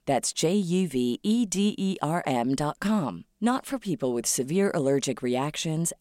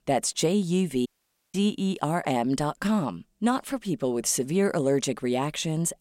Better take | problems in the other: first | audio cutting out; at 1 s

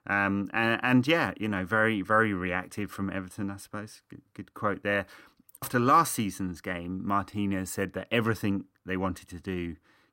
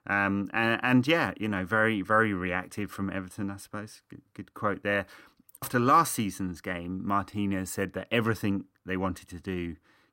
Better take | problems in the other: neither | none

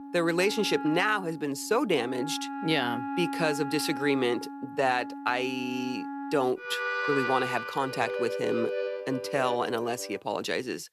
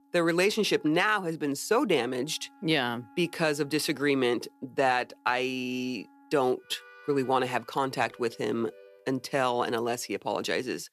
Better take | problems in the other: second | background music; loud; throughout; 6 dB below the speech; faint in the second

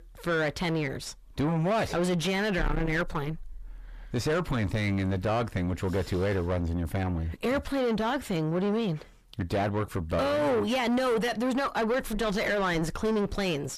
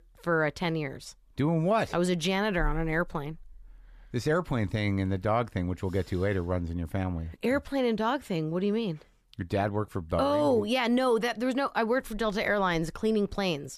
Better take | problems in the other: second | distortion; heavy; 5 dB below the speech

